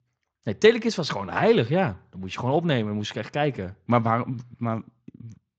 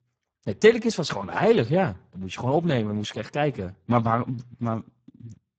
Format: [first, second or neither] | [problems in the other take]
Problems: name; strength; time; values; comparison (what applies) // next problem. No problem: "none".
first | garbled, watery; badly; nothing above 7.5 kHz; slightly in the first